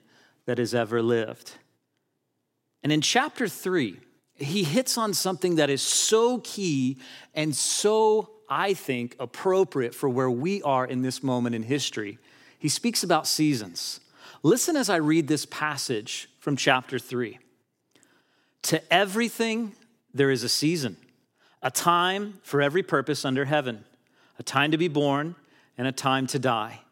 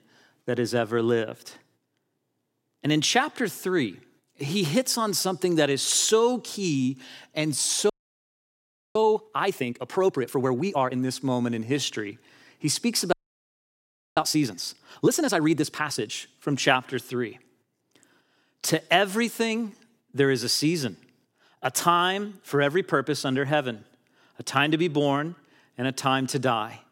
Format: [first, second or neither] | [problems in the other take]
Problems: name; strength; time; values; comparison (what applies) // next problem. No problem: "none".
first | audio freezing; at 8 s for 1 s and at 13 s for 1 s